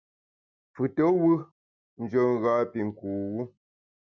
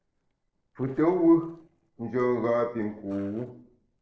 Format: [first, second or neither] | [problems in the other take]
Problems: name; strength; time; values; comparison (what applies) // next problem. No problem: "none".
first | noise reduction (neural separator model SepFormer DNS4)